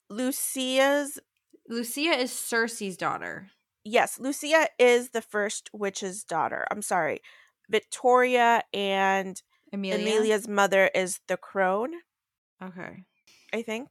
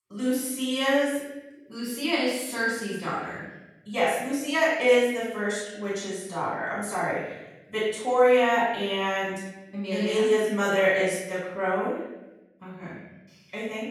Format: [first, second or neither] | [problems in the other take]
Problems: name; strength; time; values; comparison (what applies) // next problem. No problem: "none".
first | off-mic speech; far // room echo; strong; dies away in 1 s